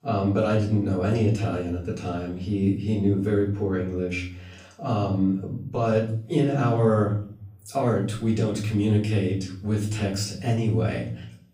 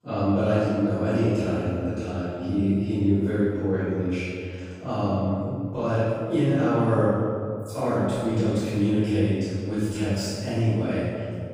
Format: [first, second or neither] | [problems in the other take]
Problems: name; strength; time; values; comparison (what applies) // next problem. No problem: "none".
first | room echo; strong; dies away in 1.9 s; slight in the first // off-mic speech; far; far in the first